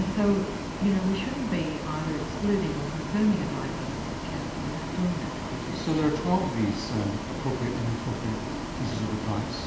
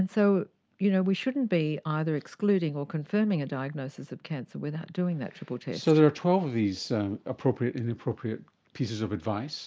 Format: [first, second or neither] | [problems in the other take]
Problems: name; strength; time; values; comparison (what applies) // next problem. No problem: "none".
second | background sound (Bus); 4 dB below the speech // room echo; dies away in 1.1 s